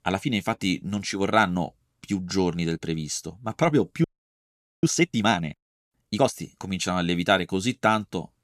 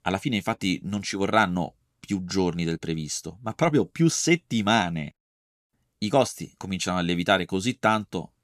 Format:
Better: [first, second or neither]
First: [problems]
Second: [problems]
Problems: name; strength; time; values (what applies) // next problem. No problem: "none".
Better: second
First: audio freezing; at 4 s for 1 s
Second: none